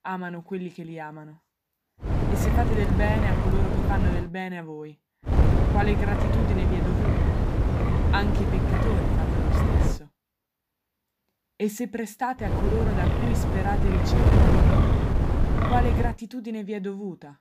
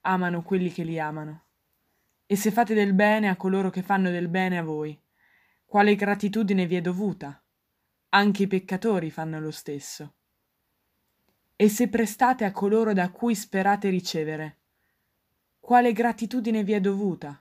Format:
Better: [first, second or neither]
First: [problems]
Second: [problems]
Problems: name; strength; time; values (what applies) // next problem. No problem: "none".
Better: second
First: wind noise on the microphone; heavy; from 2 to 4 s, from 5.5 to 10 s and from 12 to 16 s; 1 dB above the speech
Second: none